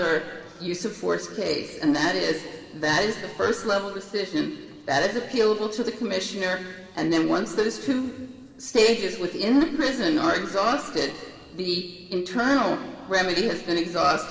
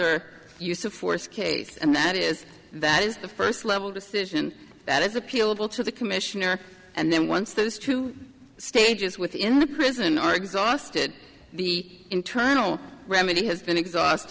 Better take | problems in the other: second | room echo; dies away in 1.9 s

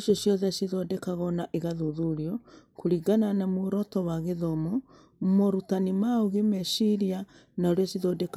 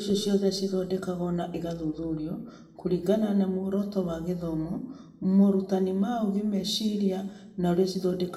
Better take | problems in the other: first | room echo; dies away in 0.7 s

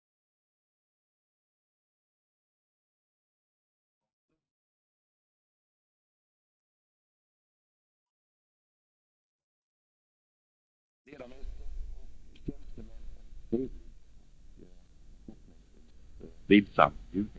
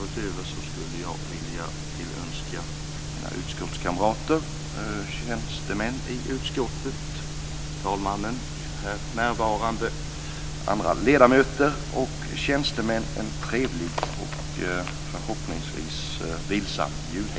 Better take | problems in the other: second | noise reduction (neural mask model DeepFilterNet 3)

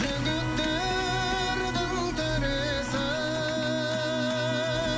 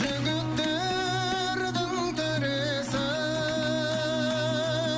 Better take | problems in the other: second | background sound (Trumpet + Idling); 7 dB below the speech

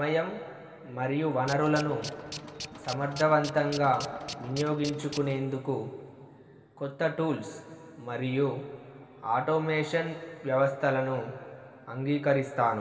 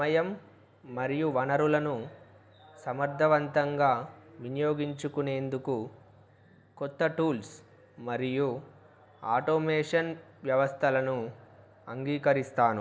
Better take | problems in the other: second | background sound (Tools); 12 dB below the speech // room echo; dies away in 2.4 s

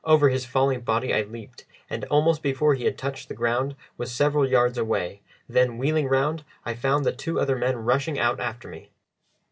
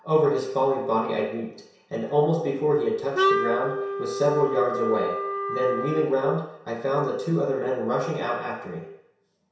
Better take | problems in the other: first | background sound (Wind instrument, woodwind instrument); 2 dB below the speech // room echo; dies away in 0.7 s

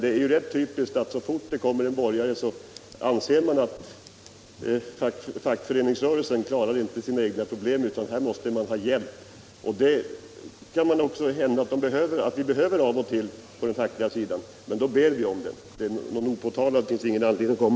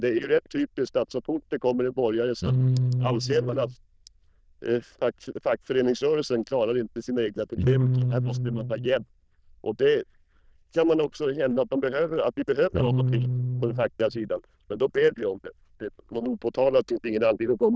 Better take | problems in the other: first | noise reduction (neural diffusion model UNIVERSE++)

